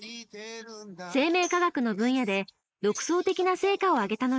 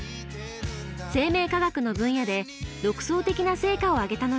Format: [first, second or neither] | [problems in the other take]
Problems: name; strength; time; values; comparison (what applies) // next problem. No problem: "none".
second | noise reduction (neural mask model Resemble Enhance denoiser)